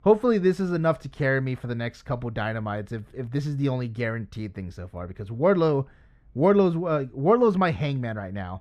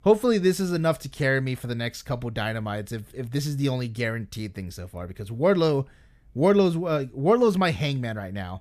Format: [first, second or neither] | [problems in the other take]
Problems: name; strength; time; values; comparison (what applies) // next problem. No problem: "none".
second | muffled; slightly; fading above 1.5 kHz